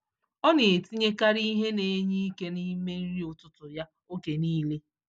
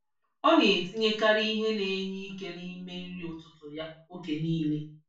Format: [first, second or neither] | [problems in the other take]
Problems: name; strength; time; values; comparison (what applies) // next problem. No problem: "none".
first | room echo; dies away in 0.3 s